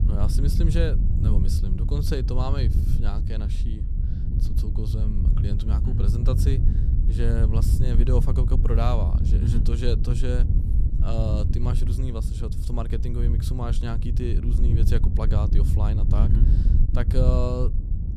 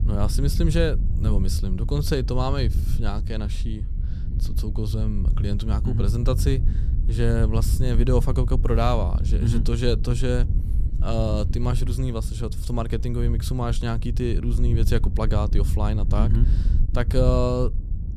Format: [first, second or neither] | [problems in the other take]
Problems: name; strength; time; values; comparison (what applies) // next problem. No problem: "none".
second | wind noise on the microphone; heavy; 5 dB below the speech; occasional gusts in the second